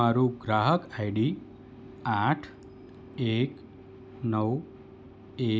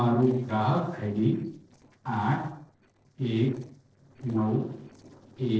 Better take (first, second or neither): first